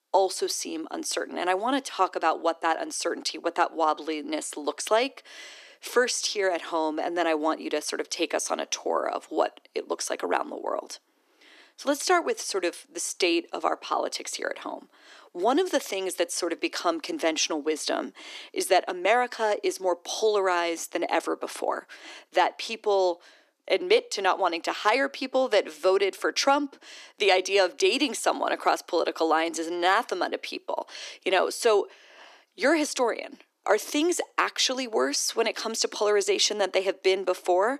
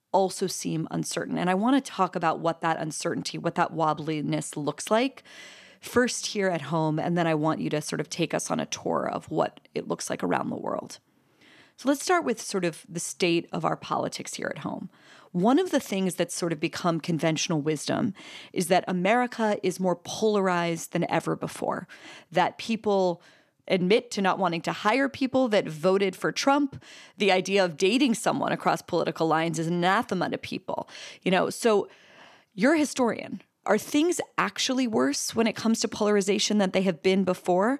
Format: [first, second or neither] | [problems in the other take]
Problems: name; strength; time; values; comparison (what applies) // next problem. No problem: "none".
second | thin; somewhat; fading below 300 Hz